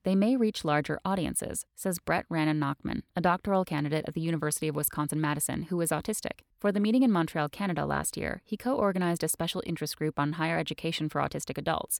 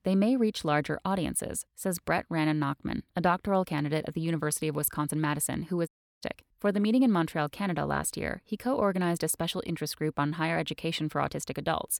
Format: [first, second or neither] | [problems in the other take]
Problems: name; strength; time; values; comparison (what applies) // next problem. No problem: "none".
first | audio cutting out; at 6 s